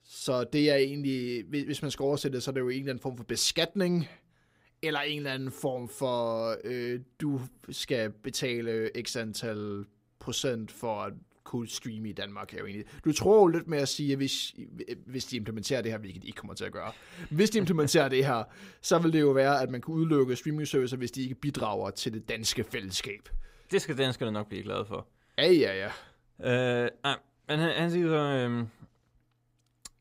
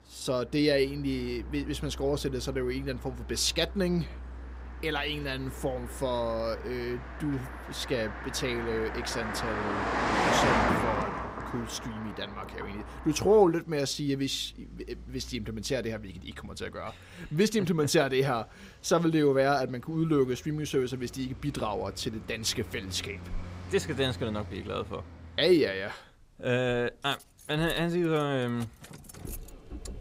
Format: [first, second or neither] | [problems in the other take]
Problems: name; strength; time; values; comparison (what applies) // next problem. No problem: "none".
first | traffic noise; loud; throughout; 6 dB below the speech